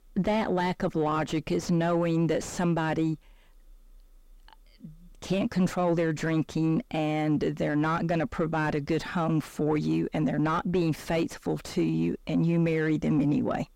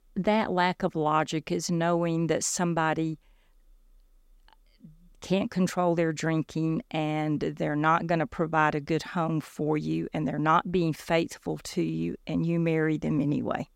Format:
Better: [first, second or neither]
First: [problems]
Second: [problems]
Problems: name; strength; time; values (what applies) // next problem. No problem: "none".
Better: second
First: distortion; heavy; 7 dB below the speech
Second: none